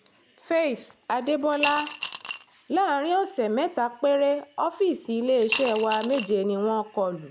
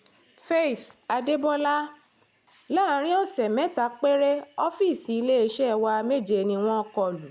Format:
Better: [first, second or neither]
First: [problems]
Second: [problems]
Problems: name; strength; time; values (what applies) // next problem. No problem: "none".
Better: second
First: background sound (Coin (dropping) / Glass); 8 dB below the speech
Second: none